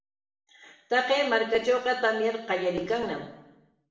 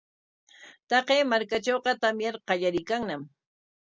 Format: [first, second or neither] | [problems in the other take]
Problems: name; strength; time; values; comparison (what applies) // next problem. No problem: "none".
second | room echo; dies away in 0.8 s